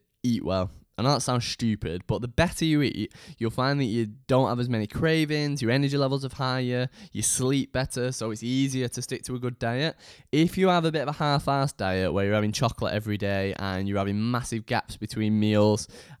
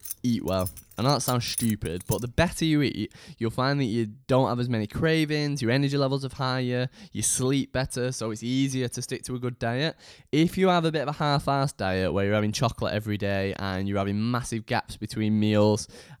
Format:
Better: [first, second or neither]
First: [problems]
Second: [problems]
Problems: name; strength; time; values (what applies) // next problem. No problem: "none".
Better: first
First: none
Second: jangling keys; noticeable; until 2 s; peak 6 dB below the speech